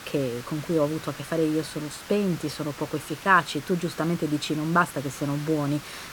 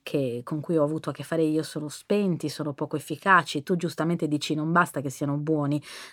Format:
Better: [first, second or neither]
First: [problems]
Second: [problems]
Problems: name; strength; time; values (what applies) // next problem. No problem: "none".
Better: second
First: hiss; noticeable; throughout; 15 dB below the speech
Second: none